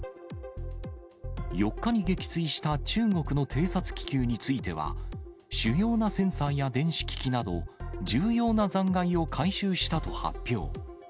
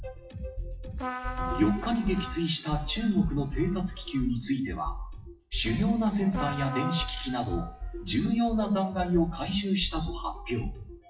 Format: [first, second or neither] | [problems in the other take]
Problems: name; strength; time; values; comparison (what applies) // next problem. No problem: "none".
first | noise reduction (classical method WPE with log-MMSE)